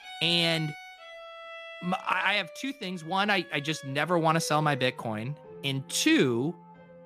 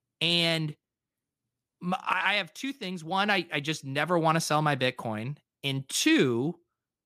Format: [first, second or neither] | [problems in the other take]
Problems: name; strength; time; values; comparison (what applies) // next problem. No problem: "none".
second | background music; noticeable; throughout; 15 dB below the speech